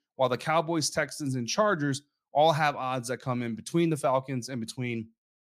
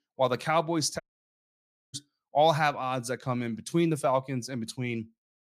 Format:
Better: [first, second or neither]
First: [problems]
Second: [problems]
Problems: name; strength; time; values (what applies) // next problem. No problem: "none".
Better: first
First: none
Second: audio cutting out; at 1 s for 1 s